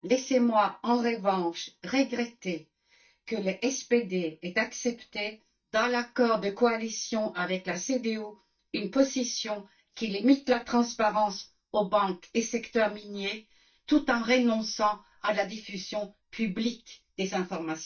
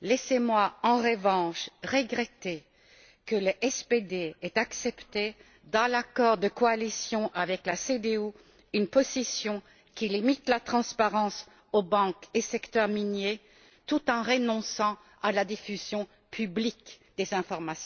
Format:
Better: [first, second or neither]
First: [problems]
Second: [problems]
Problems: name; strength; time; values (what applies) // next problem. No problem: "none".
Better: second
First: noise reduction (neural mask model DeepFilterNet 3)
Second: none